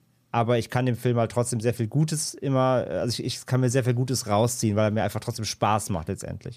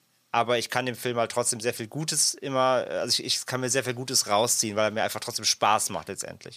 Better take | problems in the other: first | thin; somewhat; fading below 950 Hz

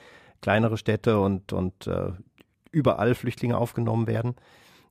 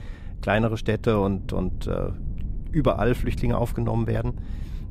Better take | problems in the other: first | low rumble; faint; throughout; 20 dB below the speech

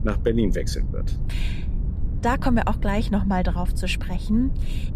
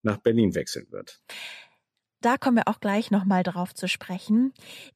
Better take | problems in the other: second | low rumble; noticeable; throughout; 15 dB below the speech

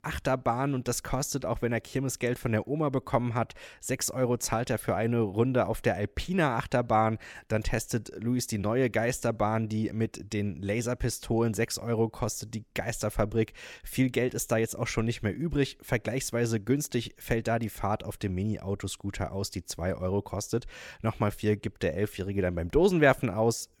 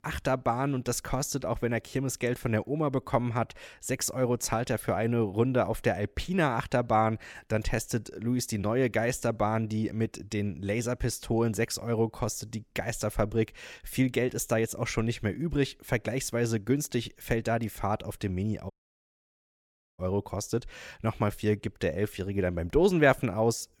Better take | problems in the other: first | audio cutting out; at 19 s for 1.5 s

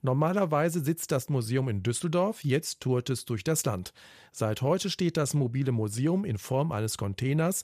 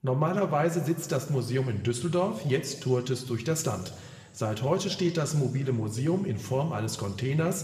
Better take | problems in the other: first | room echo; slight; dies away in 1.5 s

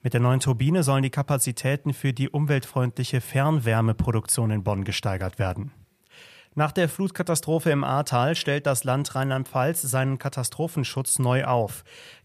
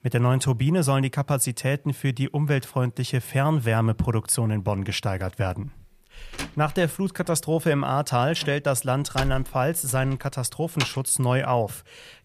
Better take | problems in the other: first | door banging; noticeable; from 6 to 11 s; peak 6 dB below the speech

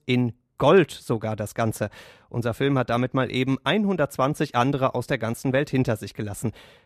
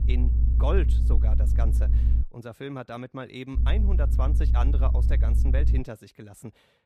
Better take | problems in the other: first | low rumble; loud; until 2 s and from 3.5 to 6 s; 6 dB below the speech

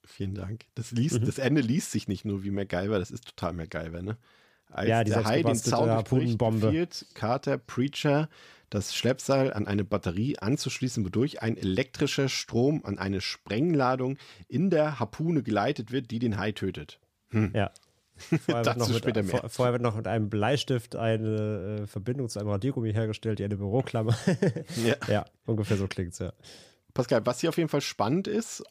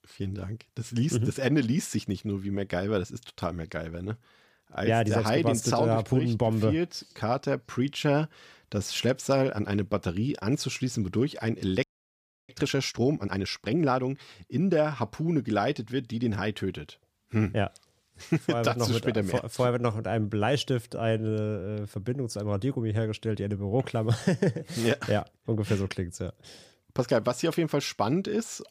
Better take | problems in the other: first | audio freezing; at 12 s for 0.5 s

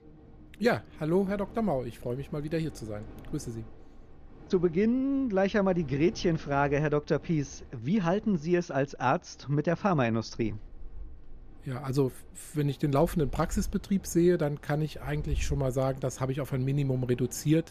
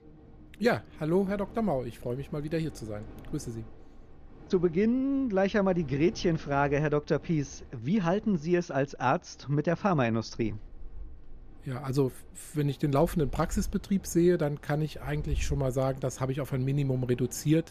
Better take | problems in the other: neither | wind in the background; noticeable; throughout; 20 dB below the speech; the same in both

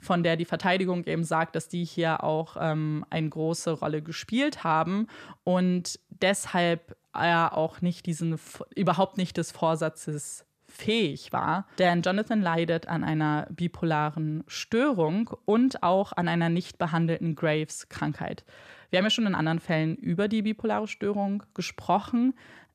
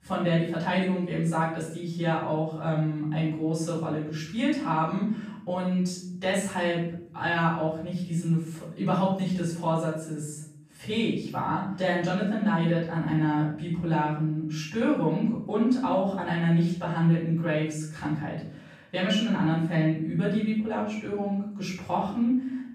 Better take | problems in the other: first | off-mic speech; far // room echo; noticeable; dies away in 0.7 s

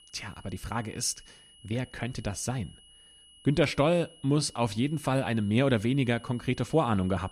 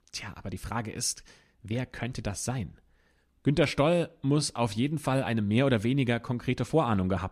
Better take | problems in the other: second | high-pitched whine; faint; throughout; 3 kHz, 25 dB below the speech

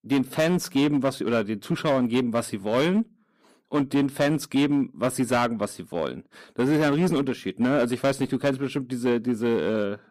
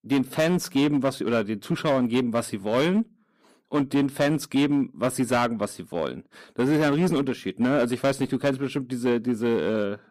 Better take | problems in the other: neither | distortion; slight; 8% of the sound clipped; the same in both

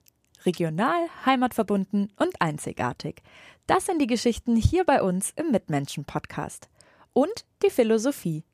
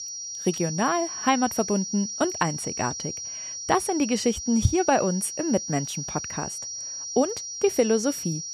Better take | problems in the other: first | high-pitched whine; loud; throughout; 5.5 kHz, 6 dB below the speech

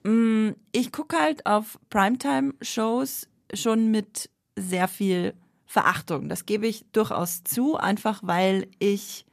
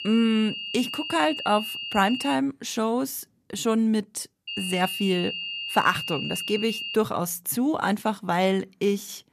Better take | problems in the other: first | high-pitched whine; loud; until 2.5 s and from 4.5 to 7 s; 3 kHz, 5 dB below the speech

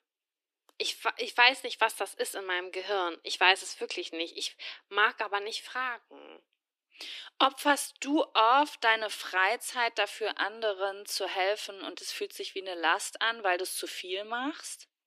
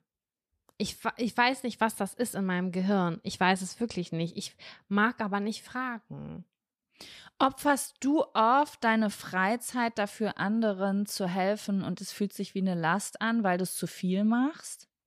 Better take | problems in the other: second | thin; very; fading below 300 Hz

